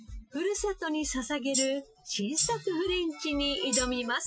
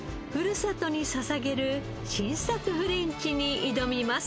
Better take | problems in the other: second | noise reduction (classical method Wiener filter)

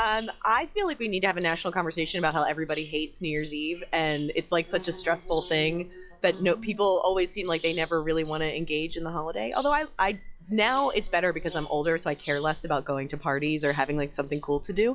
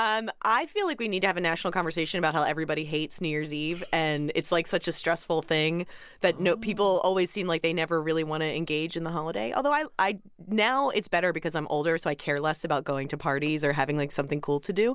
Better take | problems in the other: second | noise reduction (classical method log-MMSE)

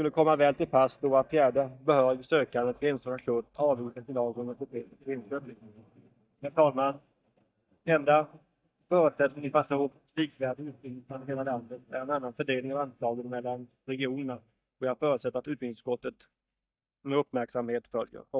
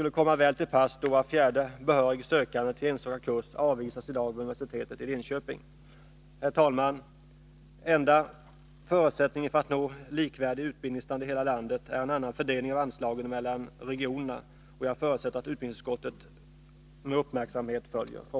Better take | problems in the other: second | noise reduction (neural mask model DeepFilterNet 3)

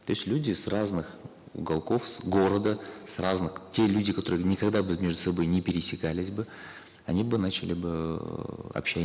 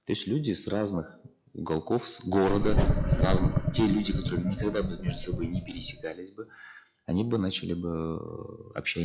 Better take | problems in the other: first | noise reduction (classical method log-MMSE)

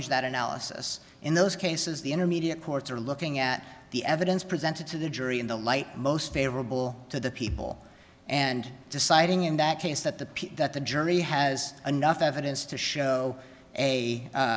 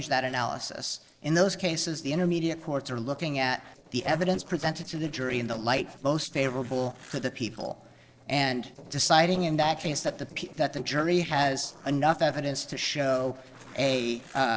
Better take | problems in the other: first | noise reduction (neural separator model SepFormer DNS4)

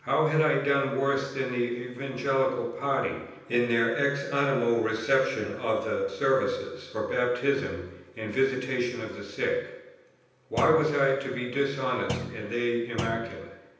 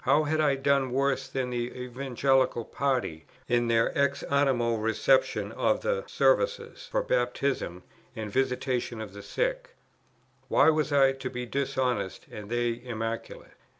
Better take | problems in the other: second | background sound (Thump, thud); 8 dB below the speech // room echo; dies away in 0.9 s

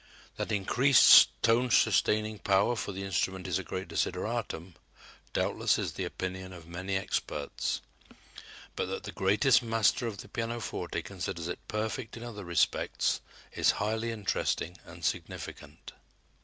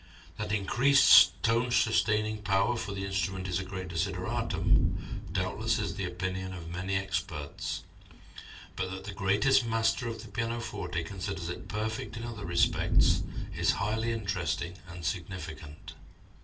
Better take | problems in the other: first | background sound (Thunder / Rain); 3 dB below the speech // room echo; dies away in 0.2 s

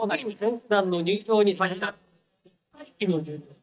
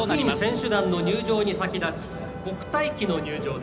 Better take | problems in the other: second | noise reduction (neural mask model DeepFilterNet 3)

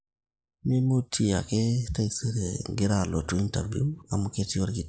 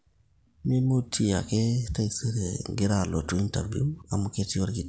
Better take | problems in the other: second | noise reduction (neural mask model Resemble Enhance denoiser)

